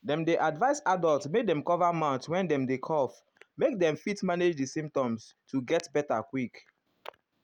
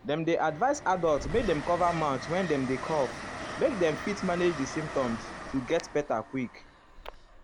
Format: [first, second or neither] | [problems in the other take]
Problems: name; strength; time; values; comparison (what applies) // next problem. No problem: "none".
first | background sound (Train); 10 dB below the speech